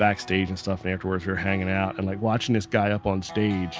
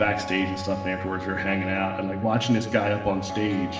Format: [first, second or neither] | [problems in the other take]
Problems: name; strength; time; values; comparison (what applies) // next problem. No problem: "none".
first | background sound (Wind instrument, woodwind instrument); 11 dB below the speech // room echo; dies away in 2.9 s